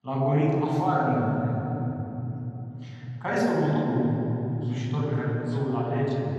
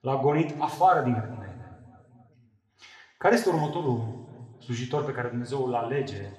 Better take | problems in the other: second | room echo; strong; dies away in 3 s; slight in the second // off-mic speech; far

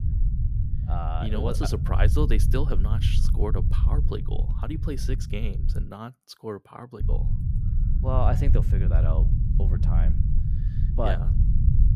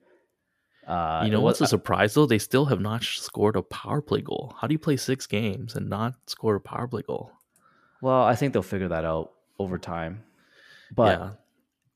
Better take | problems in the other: second | low rumble; loud; until 6 s and from 7 s on; 7 dB below the speech

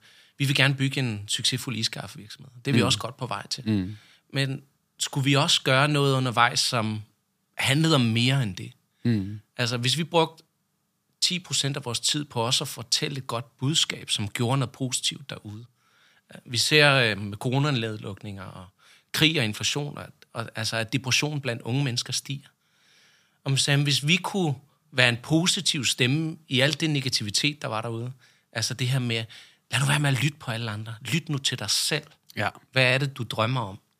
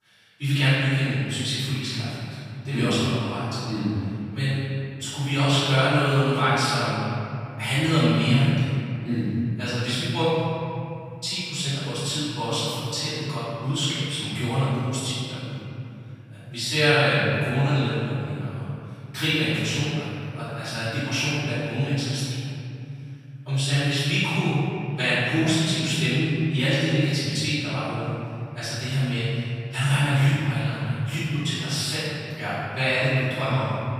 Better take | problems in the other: first | off-mic speech; far // room echo; strong; dies away in 2.8 s

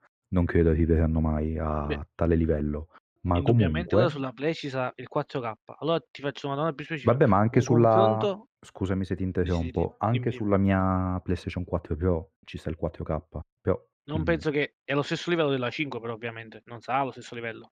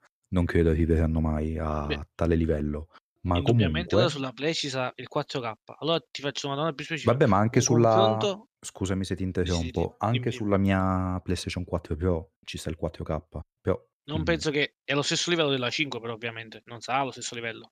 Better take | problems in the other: second | muffled; slightly; fading above 3.5 kHz

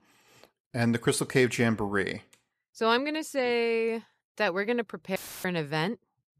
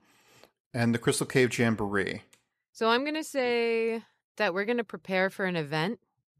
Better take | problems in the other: second | audio cutting out; filled with static; at 5 s

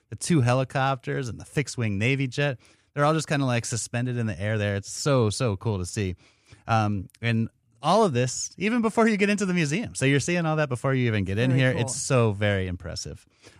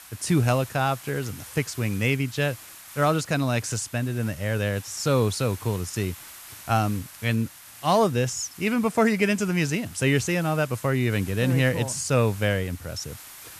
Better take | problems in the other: first | hiss; noticeable; throughout; 15 dB below the speech

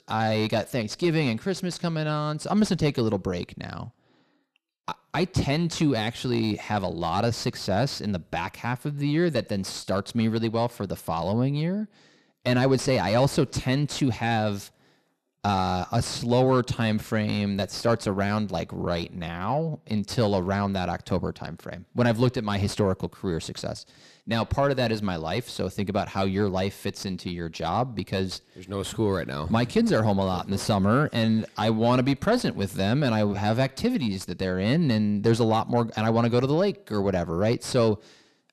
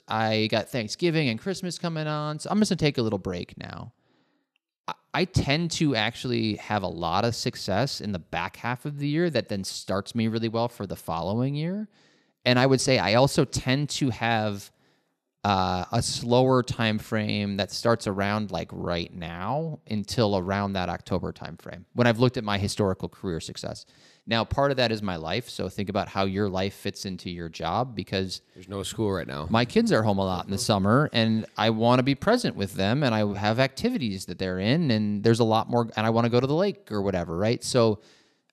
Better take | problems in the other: second | distortion; slight; 10 dB below the speech

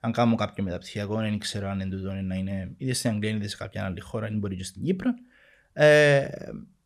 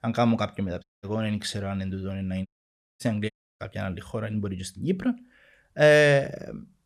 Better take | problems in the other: first | audio cutting out; at 1 s, at 2.5 s for 0.5 s and at 3.5 s

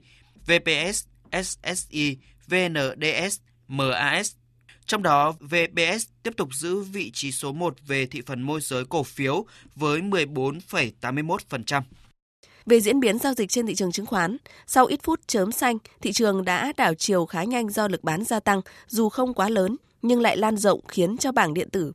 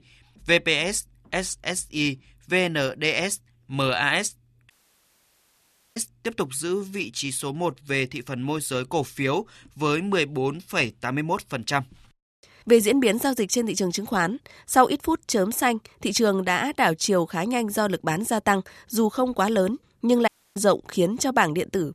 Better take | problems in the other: first | audio cutting out; at 4.5 s for 1.5 s and at 20 s

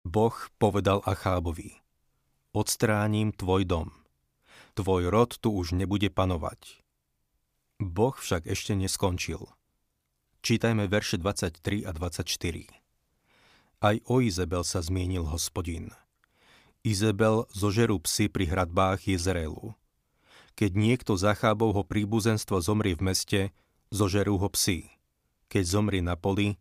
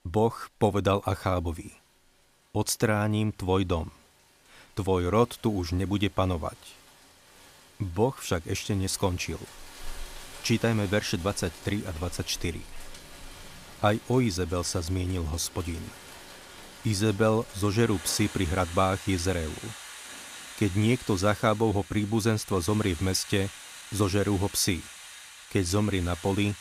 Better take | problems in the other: first | rain or running water; noticeable; throughout; 15 dB below the speech

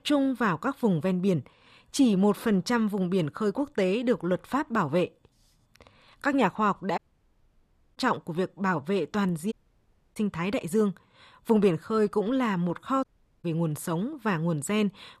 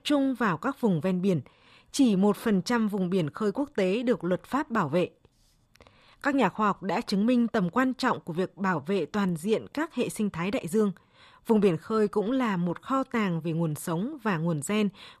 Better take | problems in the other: second | audio cutting out; at 7 s for 1 s, at 9.5 s for 0.5 s and at 13 s

